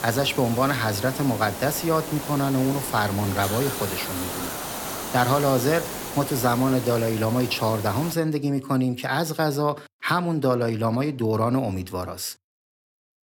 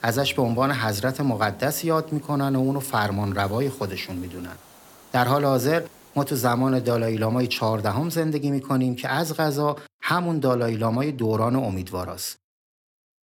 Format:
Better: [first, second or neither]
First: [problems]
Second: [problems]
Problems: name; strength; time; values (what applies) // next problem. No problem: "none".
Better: second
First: hiss; loud; until 8 s; 7 dB below the speech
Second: hiss; faint; until 8 s; 25 dB below the speech